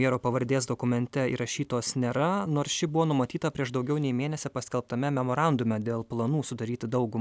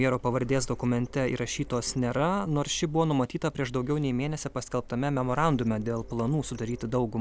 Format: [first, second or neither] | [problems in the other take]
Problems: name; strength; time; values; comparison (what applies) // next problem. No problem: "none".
first | background sound (Printer); 16 dB below the speech